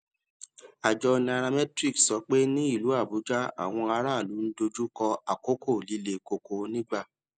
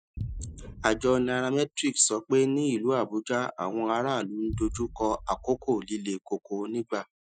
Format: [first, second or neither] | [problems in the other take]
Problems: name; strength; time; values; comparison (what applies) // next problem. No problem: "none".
first | noise reduction (classical method Wiener filter)